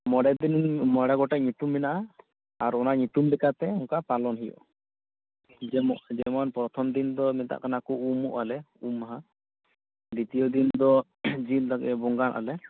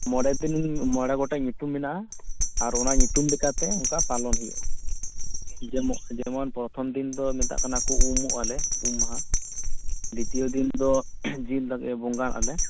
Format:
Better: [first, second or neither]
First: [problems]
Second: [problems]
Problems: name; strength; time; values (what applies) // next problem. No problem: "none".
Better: first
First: none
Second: background sound (Bell); 3 dB above the speech